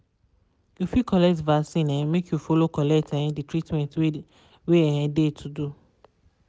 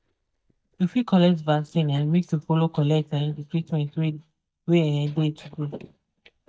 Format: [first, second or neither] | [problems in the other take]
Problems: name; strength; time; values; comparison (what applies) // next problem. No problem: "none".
first | noise reduction (neural mask model DeepFilterNet 3)